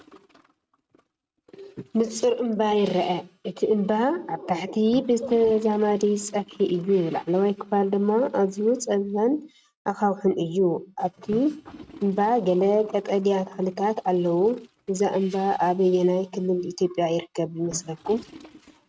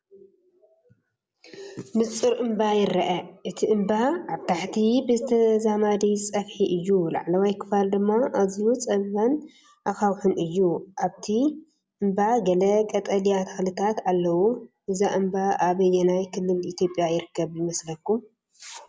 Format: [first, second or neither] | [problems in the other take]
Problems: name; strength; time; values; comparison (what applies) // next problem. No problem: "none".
second | noise reduction (neural mask model RNNoise)